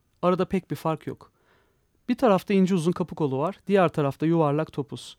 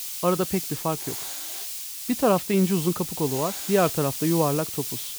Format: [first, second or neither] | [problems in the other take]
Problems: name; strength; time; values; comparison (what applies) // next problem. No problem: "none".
first | hiss; loud; throughout; 5 dB below the speech